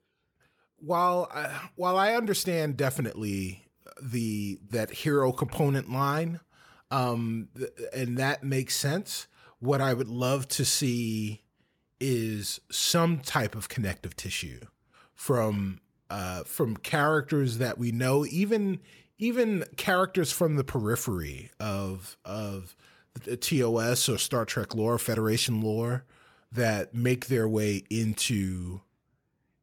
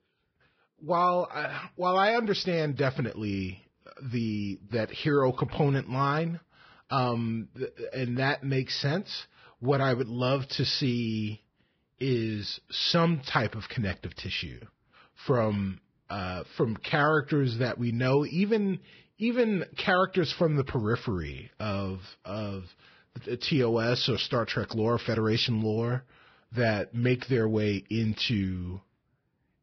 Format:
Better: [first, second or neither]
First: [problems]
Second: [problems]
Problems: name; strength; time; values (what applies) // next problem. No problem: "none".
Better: first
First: none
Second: garbled, watery; badly; nothing above 5.5 kHz